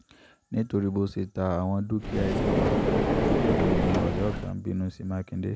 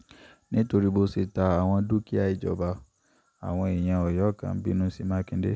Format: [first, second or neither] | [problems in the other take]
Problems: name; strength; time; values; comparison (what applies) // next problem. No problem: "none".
second | background sound (Car); 5 dB above the speech